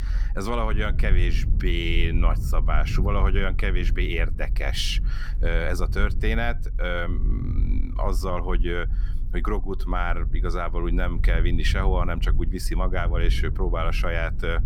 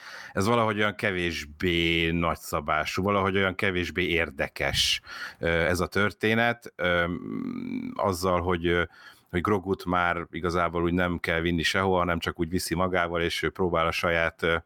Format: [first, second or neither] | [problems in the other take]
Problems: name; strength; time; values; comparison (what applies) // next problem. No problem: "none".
second | low rumble; noticeable; throughout; 15 dB below the speech